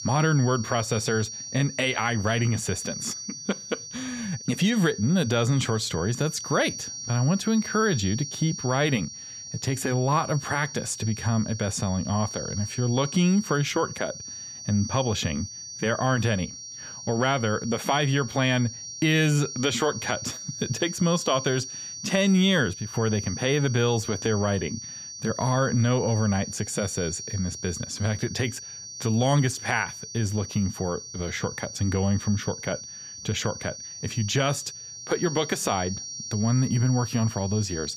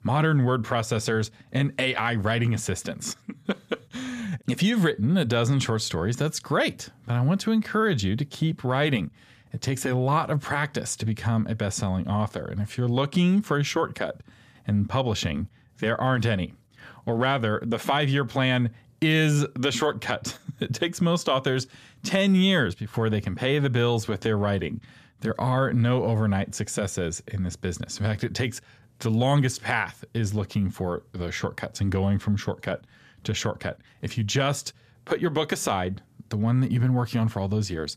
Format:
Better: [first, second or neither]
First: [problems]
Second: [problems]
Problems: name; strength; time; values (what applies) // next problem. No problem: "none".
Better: second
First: high-pitched whine; loud; throughout; 6 kHz, 9 dB below the speech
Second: none